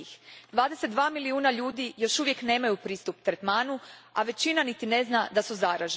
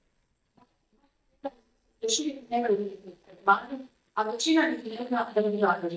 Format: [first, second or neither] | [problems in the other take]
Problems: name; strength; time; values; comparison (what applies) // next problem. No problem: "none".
first | noise reduction (neural mask model DeepFilterNet 3)